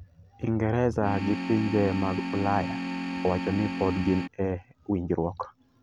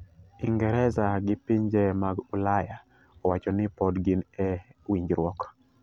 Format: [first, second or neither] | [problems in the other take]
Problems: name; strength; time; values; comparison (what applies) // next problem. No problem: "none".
second | background sound (Organ); 4 dB below the speech